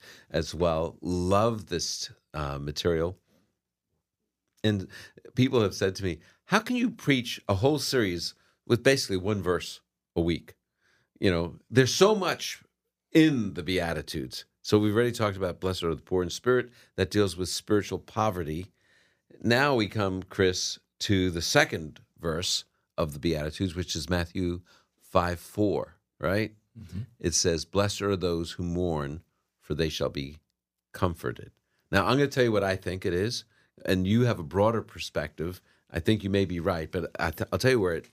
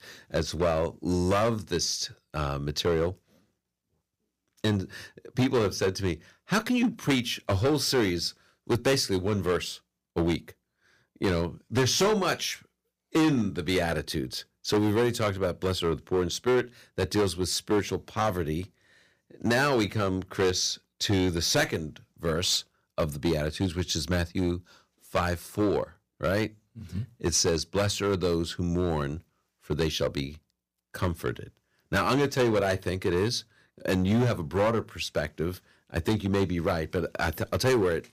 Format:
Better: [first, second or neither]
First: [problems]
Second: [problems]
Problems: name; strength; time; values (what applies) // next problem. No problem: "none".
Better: first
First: none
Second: distortion; heavy; 6% of the sound clipped